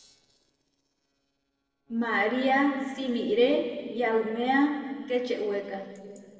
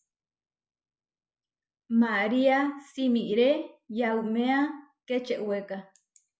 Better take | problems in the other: second | noise reduction (neural separator model SepFormer DNS4)

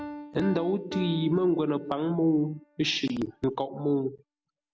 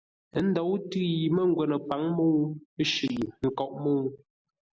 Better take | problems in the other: second | background sound (Piano); 15 dB below the speech

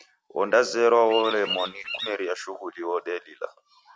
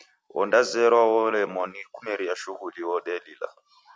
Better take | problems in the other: second | background sound (Bird vocalization, bird call, bird song); 7 dB below the speech

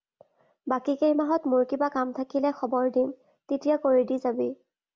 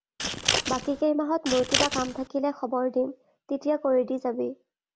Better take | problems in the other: first | background sound (Scissors); 1 dB below the speech

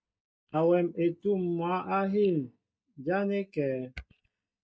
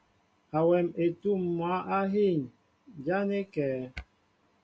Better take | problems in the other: second | noise reduction (neural mask model DeepFilterNet 3)

